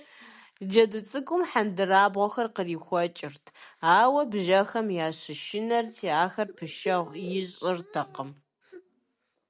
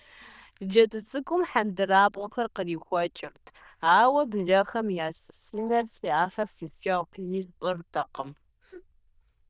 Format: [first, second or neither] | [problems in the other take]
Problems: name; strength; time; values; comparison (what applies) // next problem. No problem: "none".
first | noise reduction (neural diffusion model UNIVERSE++)